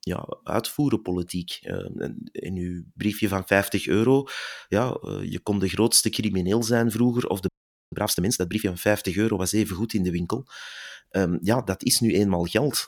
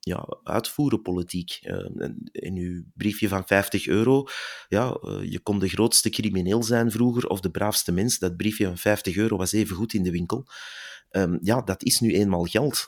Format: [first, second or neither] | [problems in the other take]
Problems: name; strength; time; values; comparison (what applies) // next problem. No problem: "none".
second | audio freezing; at 7.5 s